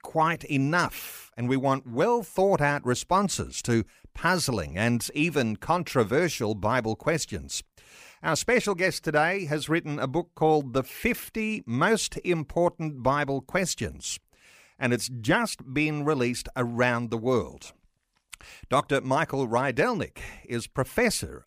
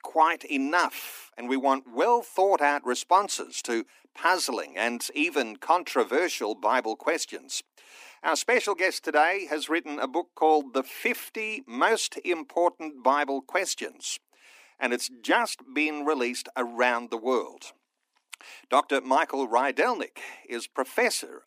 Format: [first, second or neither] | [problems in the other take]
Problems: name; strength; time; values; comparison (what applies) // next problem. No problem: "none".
first | thin; somewhat; fading below 250 Hz